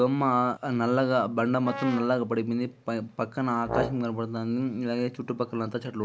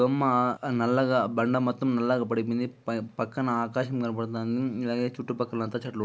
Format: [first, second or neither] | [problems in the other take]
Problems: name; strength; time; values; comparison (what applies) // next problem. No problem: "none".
second | background sound (Brass instrument + Brass instrument); 10 dB below the speech